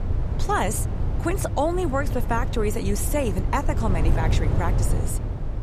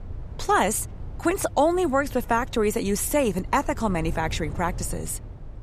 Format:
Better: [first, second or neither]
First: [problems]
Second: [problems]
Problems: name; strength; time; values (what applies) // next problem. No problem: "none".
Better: second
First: wind noise on the microphone; heavy; 10 dB below the speech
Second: wind noise on the microphone; occasional gusts; 25 dB below the speech